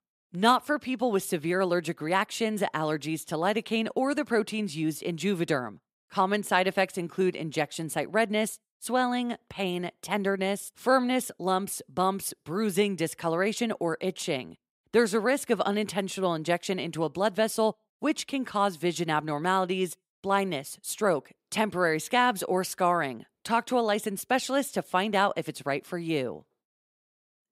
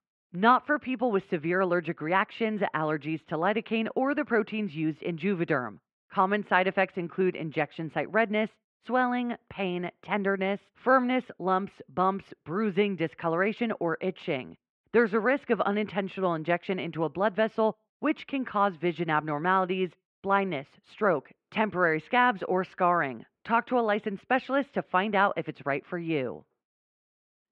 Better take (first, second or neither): first